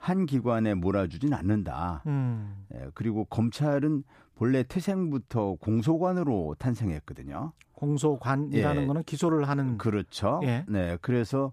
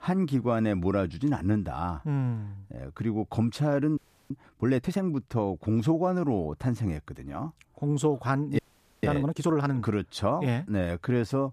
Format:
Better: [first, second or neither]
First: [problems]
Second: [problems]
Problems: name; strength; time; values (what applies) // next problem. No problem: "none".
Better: first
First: none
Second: audio freezing; at 4 s and at 8.5 s